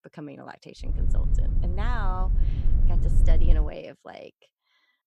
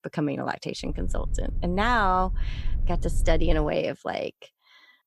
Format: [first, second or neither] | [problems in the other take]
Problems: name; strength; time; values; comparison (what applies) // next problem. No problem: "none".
second | low rumble; loud; from 1 to 3.5 s; 7 dB below the speech; faint in the second